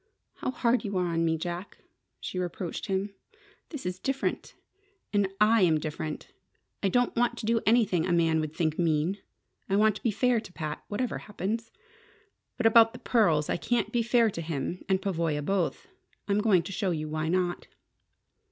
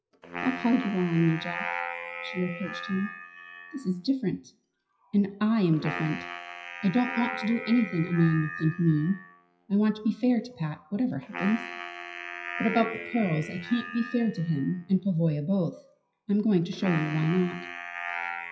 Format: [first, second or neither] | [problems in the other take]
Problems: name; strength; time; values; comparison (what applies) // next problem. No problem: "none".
first | noise reduction (classical method WPE with log-MMSE)